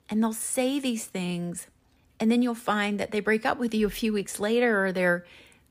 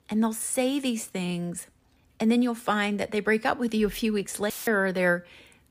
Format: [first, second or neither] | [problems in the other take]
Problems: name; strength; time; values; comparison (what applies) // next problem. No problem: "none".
first | audio cutting out; filled with static; at 4.5 s